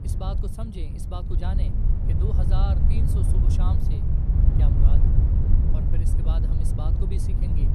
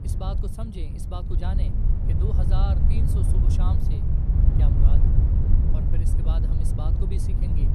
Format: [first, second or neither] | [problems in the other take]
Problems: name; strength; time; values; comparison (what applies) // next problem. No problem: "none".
neither | wind noise on the microphone; heavy; 2 dB above the speech; the same in both